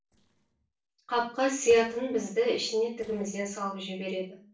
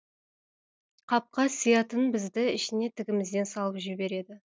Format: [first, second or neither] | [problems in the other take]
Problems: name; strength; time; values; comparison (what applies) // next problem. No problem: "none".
second | noise reduction (neural separator model SepFormer DNS4)